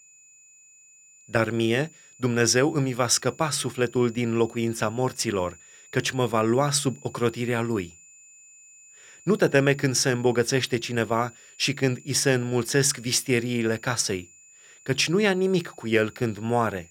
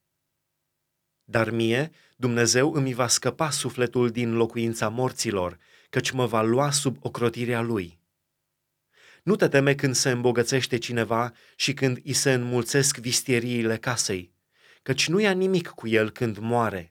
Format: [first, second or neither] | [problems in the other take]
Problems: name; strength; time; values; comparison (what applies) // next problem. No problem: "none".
second | high-pitched whine; faint; throughout; 7 kHz, 25 dB below the speech